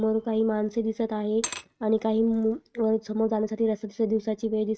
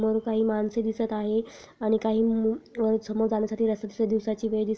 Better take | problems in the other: second | noise reduction (neural mask model RNNoise)

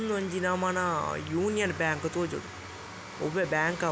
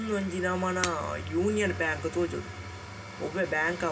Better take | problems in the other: first | background sound (Shatter); 12 dB below the speech // room echo; dies away in 0.4 s

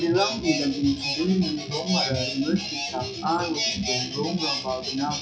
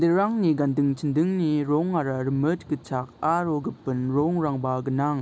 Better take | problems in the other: second | noise reduction (classical method WPE with log-MMSE)

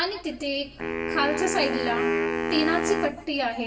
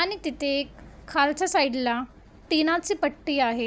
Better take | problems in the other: second | background sound (Wind instrument, woodwind instrument); 1 dB below the speech // room echo; dies away in 0.8 s

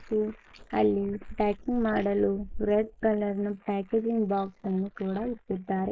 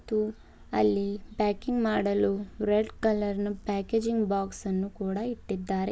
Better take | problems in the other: second | noise reduction (neural mask model Resemble Enhance denoiser)

